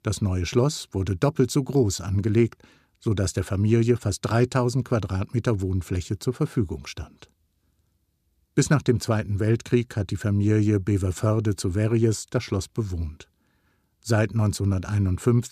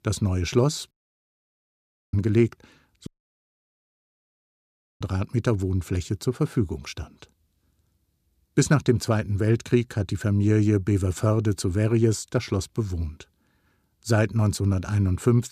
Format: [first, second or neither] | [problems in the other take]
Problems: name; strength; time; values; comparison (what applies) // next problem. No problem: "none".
first | audio cutting out; at 1 s for 1 s and at 3 s for 2 s